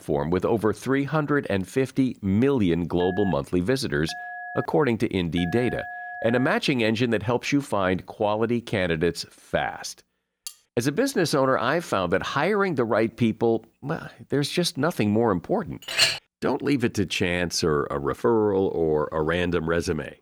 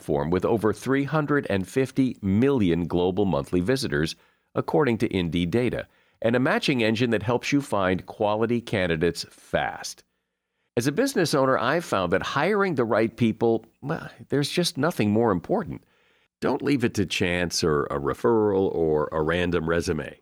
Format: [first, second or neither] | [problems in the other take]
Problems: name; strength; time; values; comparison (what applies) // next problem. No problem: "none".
second | phone ringing; faint; from 3 to 6.5 s; peak 10 dB below the speech // clattering dishes; faint; at 10 s; peak 15 dB below the speech // clattering dishes; loud; at 16 s; peak 4 dB above the speech